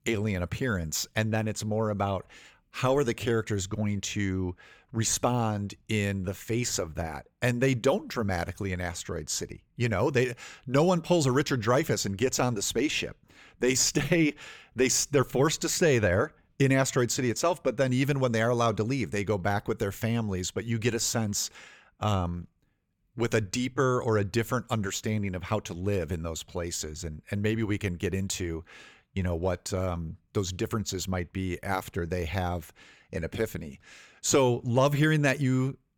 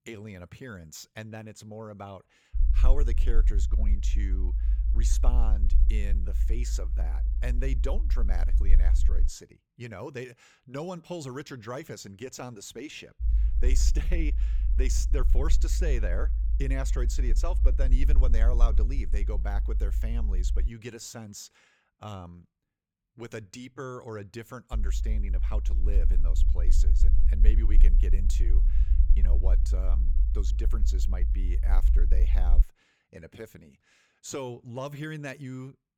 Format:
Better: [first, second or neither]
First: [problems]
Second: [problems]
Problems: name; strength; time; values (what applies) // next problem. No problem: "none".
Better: first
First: none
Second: low rumble; loud; from 2.5 to 9.5 s, from 13 to 21 s and from 25 to 33 s; 9 dB below the speech